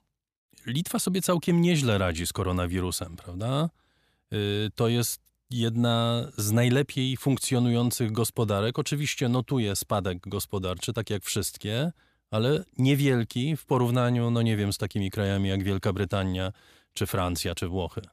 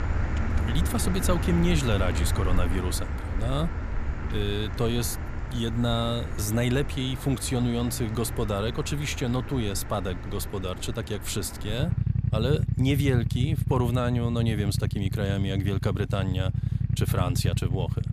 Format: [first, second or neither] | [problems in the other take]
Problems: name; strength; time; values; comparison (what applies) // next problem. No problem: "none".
first | traffic noise; loud; throughout; 2 dB below the speech